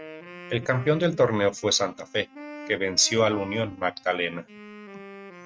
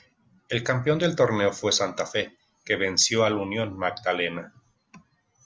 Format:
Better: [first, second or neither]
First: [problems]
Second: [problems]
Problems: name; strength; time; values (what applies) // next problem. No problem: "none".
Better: second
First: noise reduction (neural mask model RNNoise)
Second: none